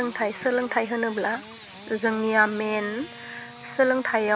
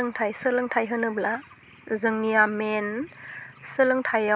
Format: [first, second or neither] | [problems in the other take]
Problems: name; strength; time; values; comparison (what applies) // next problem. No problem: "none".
second | background sound (Engine starting / Sawing); 18 dB below the speech